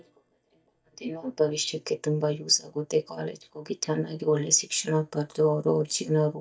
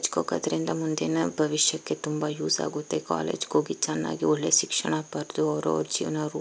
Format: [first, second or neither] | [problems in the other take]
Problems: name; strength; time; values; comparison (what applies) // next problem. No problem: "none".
second | noise reduction (neural mask model DeepFilterNet 3)